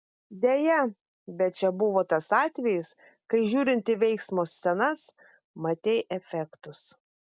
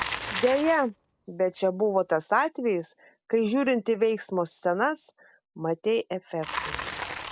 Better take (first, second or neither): first